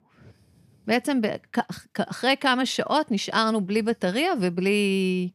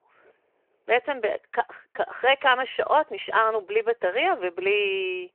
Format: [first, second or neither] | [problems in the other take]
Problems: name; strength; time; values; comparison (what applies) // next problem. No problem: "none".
first | phone-call audio; nothing above 3 kHz